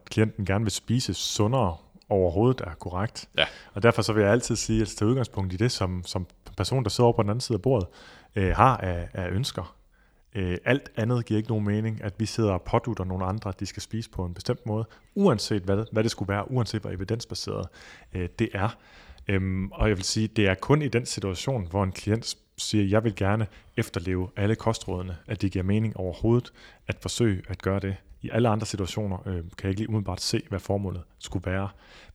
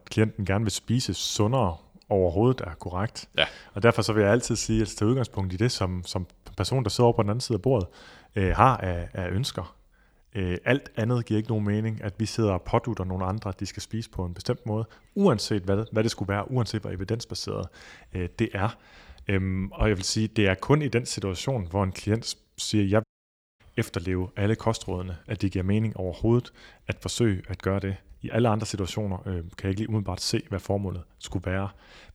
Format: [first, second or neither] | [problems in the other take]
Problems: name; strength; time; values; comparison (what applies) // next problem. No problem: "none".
first | audio cutting out; at 23 s for 0.5 s